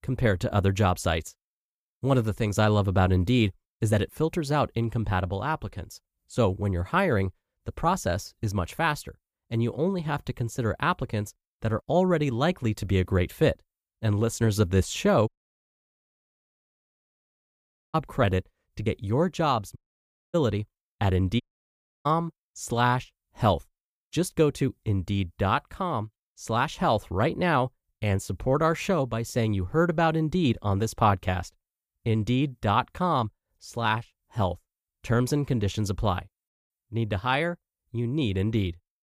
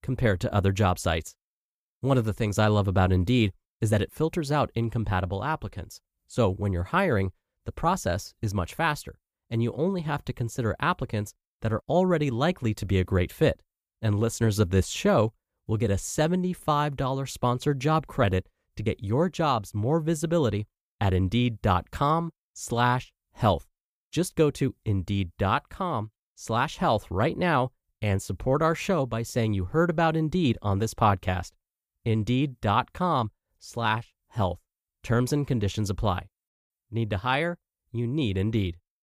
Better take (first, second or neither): second